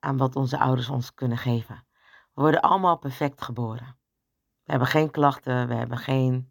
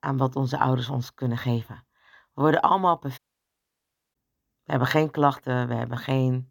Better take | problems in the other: first | audio cutting out; at 3 s for 1 s

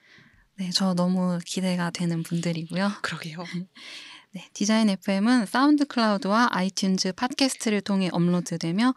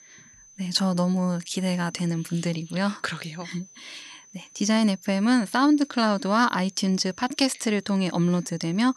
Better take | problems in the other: first | high-pitched whine; faint; throughout; 6 kHz, 25 dB below the speech

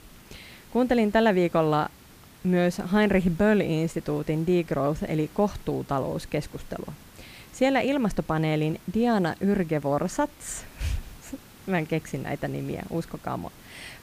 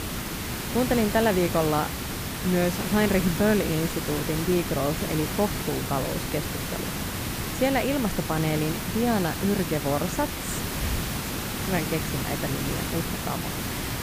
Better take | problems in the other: first | hiss; loud; throughout; 3 dB below the speech; faint in the first

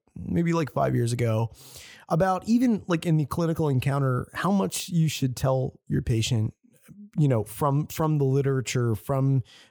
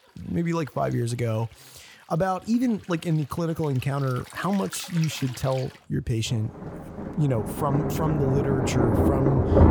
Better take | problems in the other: first | rain or running water; loud; throughout; as loud as the speech

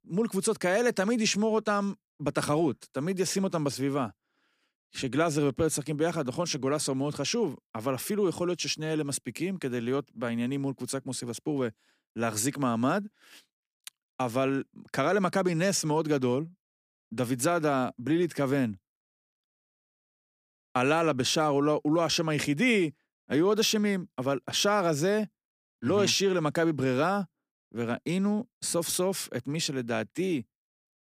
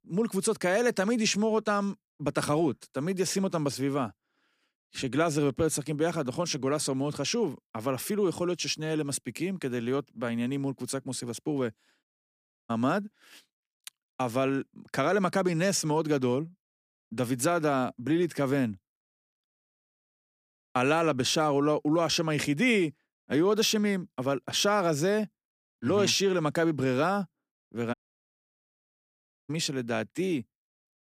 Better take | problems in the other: first | audio cutting out; at 12 s for 0.5 s and at 28 s for 1.5 s

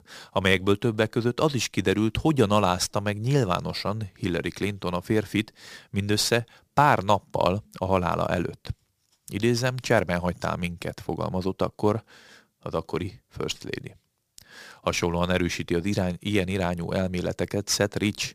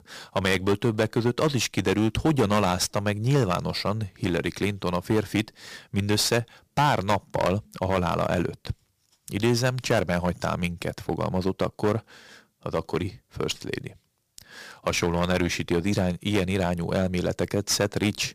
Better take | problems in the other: first | distortion; slight; 5% of the sound clipped

